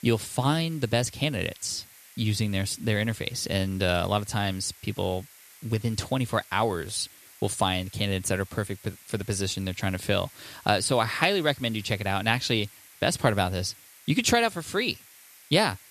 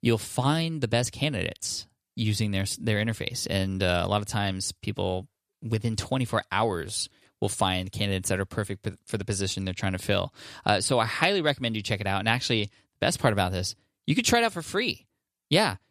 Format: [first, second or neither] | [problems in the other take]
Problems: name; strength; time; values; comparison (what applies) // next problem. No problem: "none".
second | hiss; faint; throughout; 20 dB below the speech